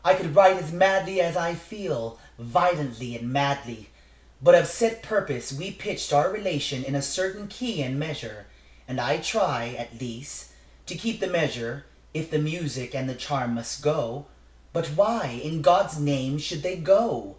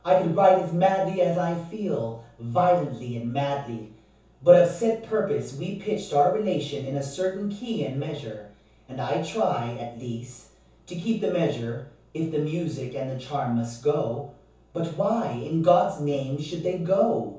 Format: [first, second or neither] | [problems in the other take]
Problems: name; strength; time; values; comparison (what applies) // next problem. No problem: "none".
first | room echo; dies away in 0.6 s